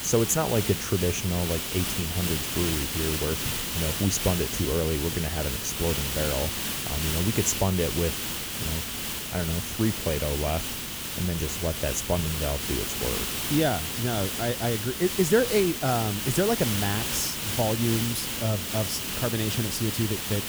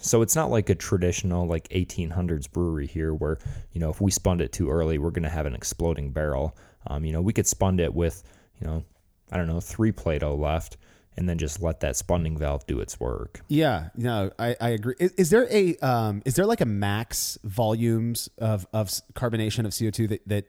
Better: second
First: hiss; loud; throughout; 1 dB below the speech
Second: none

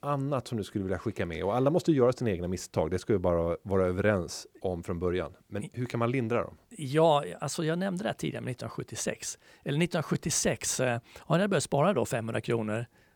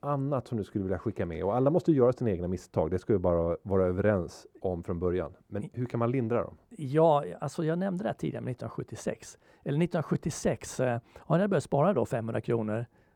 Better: first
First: none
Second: muffled; slightly; fading above 1.5 kHz

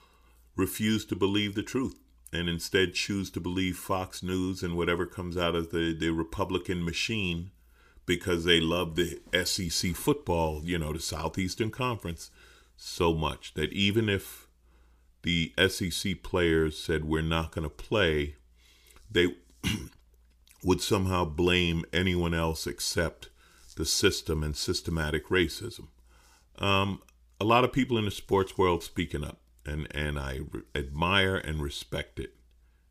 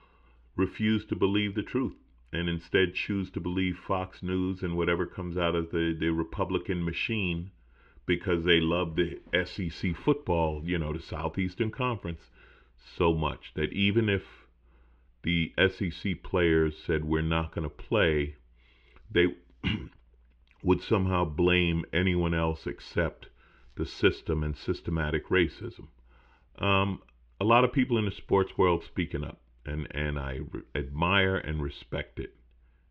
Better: first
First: none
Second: muffled; very; fading above 3 kHz

